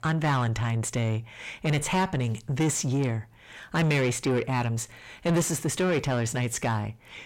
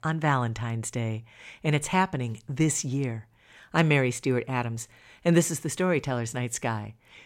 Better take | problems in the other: second | distortion; heavy; 7 dB below the speech

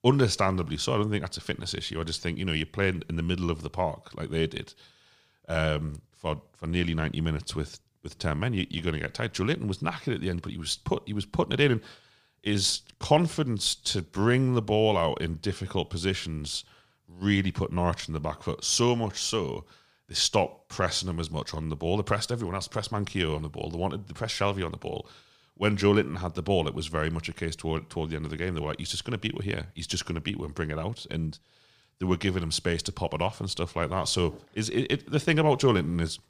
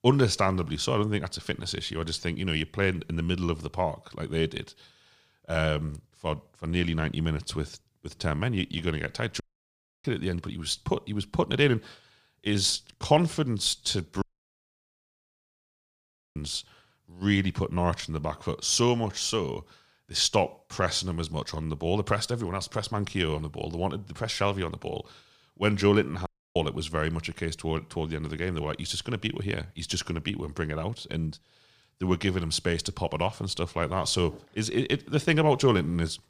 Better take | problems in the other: first | audio cutting out; at 9.5 s for 0.5 s, at 14 s for 2 s and at 26 s

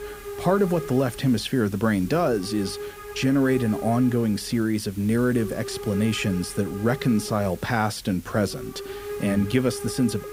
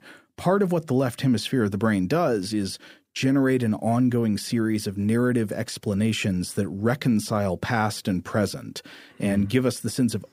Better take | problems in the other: second | hiss; noticeable; throughout; 15 dB below the speech

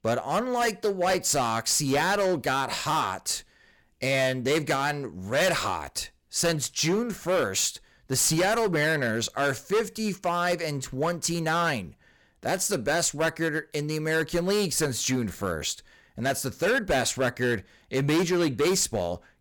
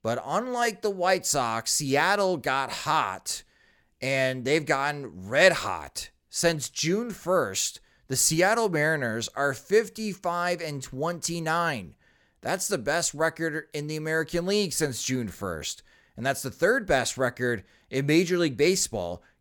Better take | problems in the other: second | distortion; heavy; 11% of the sound clipped

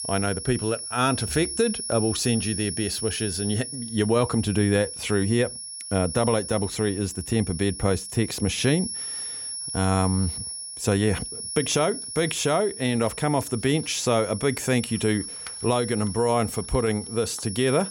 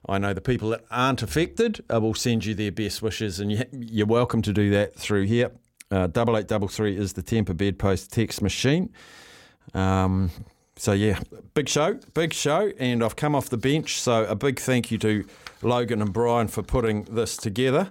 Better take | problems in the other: second | high-pitched whine; loud; throughout; 10.5 kHz, 7 dB below the speech

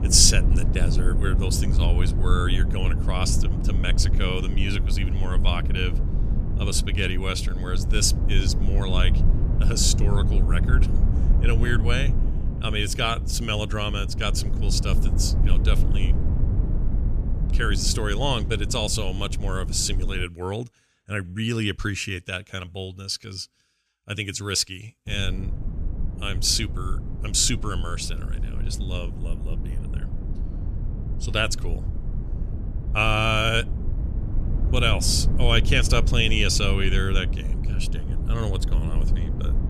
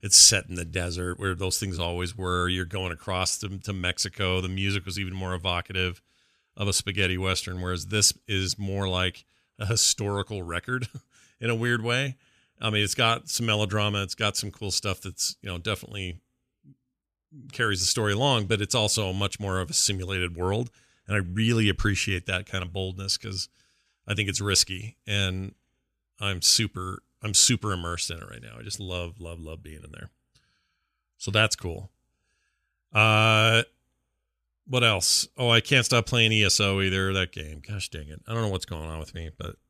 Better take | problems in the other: second | low rumble; noticeable; until 20 s and from 25 s on; 15 dB below the speech

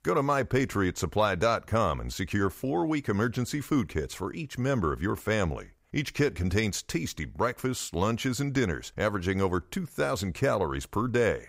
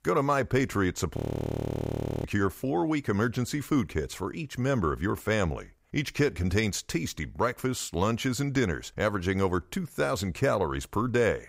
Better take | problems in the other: first | audio freezing; at 1 s for 1 s

